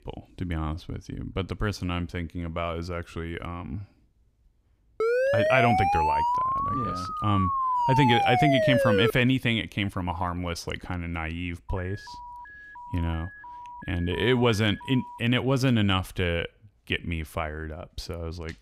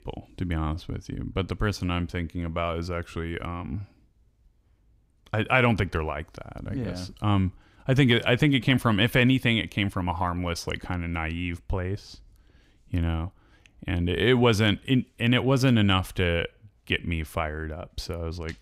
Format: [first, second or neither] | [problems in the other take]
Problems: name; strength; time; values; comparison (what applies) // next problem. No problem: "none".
second | siren; loud; from 5 to 9 s; peak 4 dB above the speech // alarm; faint; from 12 to 15 s; peak 15 dB below the speech